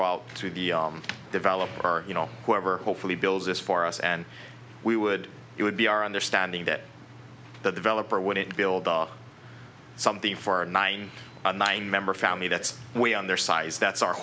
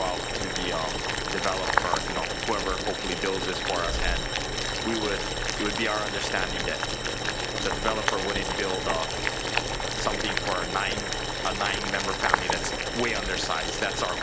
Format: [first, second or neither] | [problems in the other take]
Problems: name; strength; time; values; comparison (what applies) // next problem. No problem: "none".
first | background sound (Boiling); 3 dB above the speech